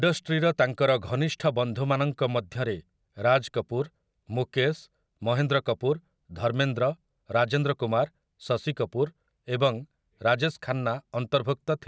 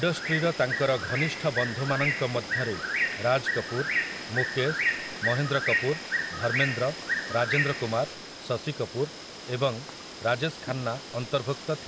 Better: first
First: none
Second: background sound (Bird); 2 dB below the speech

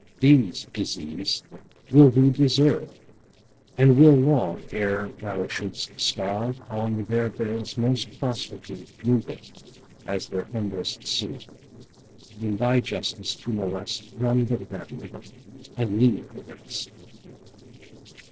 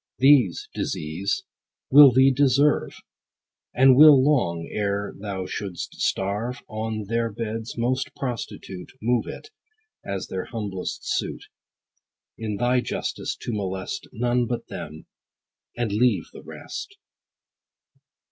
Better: second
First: noise reduction (neural separator model SepFormer DNS4)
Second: none

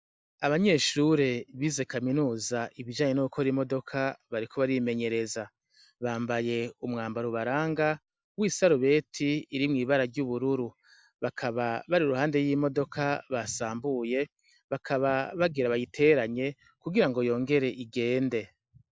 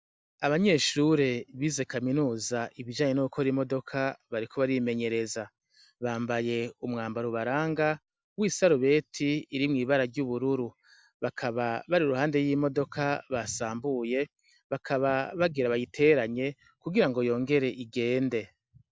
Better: second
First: noise reduction (neural mask model Resemble Enhance denoiser)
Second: none

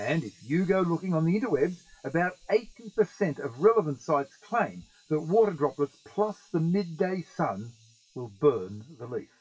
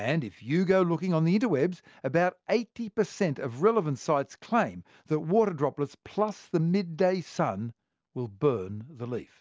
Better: second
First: noise reduction (classical method WPE with log-MMSE)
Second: none

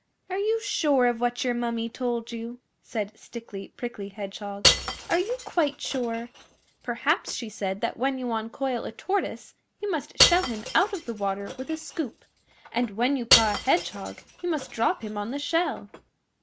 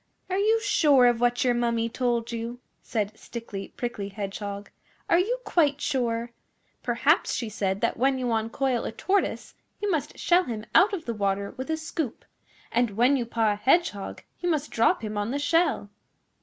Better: second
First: background sound (Shatter / Crushing); 2 dB below the speech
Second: none

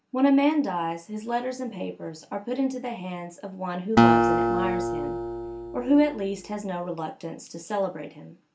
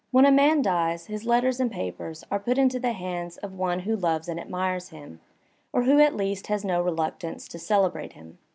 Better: second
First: background sound (Acoustic guitar); 3 dB above the speech // room echo; dies away in 0.2 s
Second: none

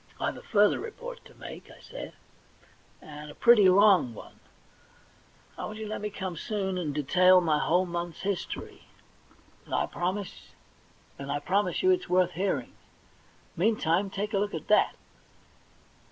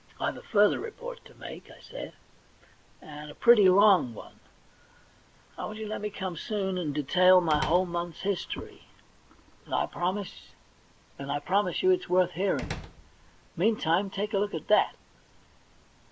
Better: first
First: none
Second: background sound (Slam); 14 dB below the speech

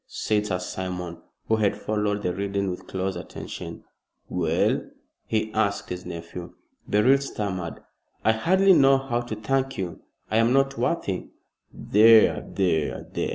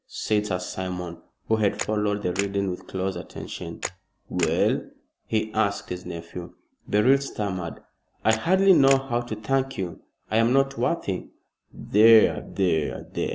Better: first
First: none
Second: background sound (Camera); 14 dB below the speech

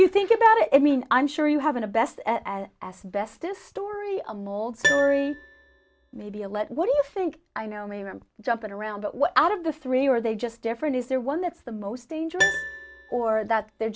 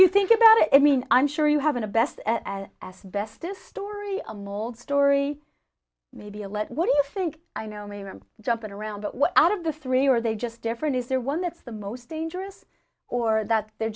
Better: second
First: background sound (Piano); 11 dB below the speech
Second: none

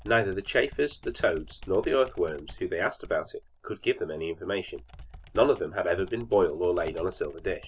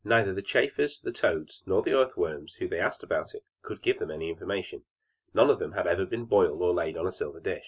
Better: second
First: background sound (Computer keyboard); 18 dB below the speech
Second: none

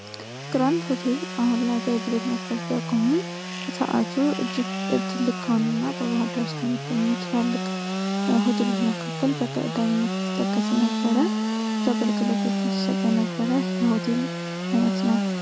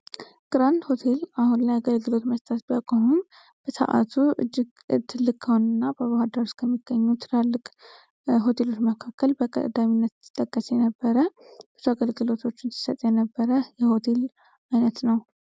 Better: second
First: background sound (Sawing / Engine); 2 dB below the speech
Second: none

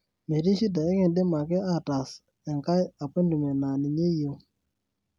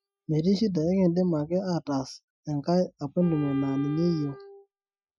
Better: first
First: none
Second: noise reduction (classical method Wiener filter)

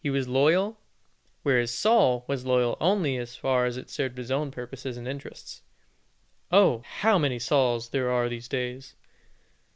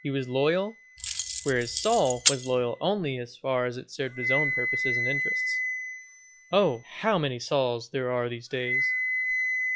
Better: first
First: none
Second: noise reduction (classical method log-MMSE)

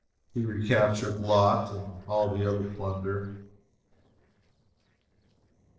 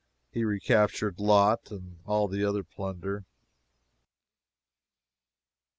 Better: second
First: noise reduction (neural separator model SepFormer DNS4)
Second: none

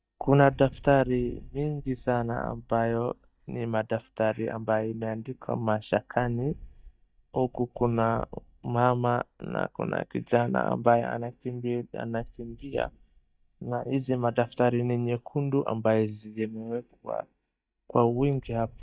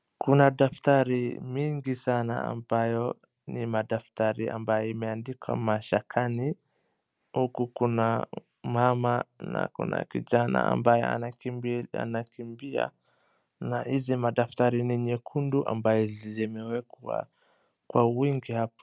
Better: second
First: noise reduction (neural mask model DeepFilterNet 3)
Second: none

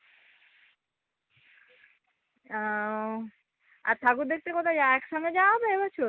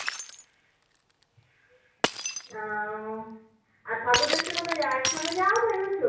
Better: first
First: none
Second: background sound (Shatter); 4 dB below the speech // room echo; dies away in 0.6 s

